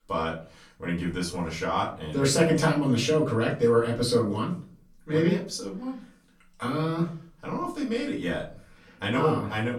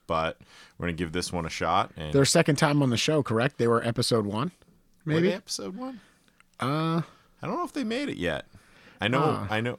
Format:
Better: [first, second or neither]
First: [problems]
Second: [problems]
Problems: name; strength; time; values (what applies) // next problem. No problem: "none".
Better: second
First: off-mic speech; far // room echo; slight; dies away in 0.3 s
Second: none